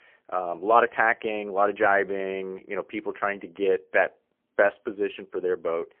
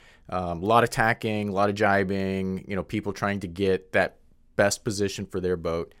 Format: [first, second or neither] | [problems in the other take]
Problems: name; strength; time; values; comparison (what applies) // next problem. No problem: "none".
second | phone-call audio; poor line; nothing above 3 kHz